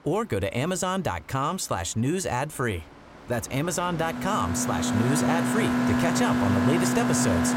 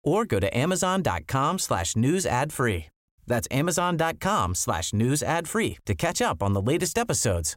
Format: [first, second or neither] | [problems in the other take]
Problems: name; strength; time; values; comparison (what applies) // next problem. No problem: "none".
second | machinery noise; very loud; throughout; 2 dB above the speech